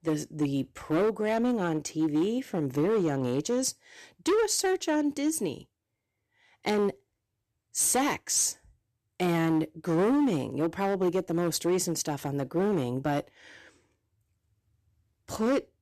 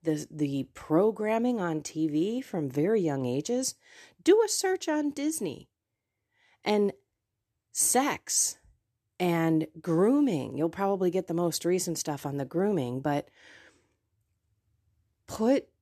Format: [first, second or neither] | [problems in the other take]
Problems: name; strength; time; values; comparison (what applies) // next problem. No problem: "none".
second | distortion; slight; 8% of the sound clipped